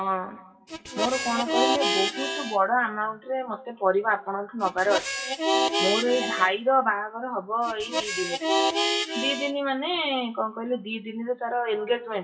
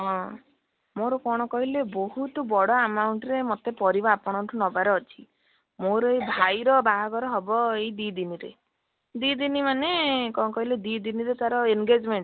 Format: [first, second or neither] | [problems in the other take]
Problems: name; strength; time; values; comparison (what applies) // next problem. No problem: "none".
second | noise reduction (classical method WPE with log-MMSE)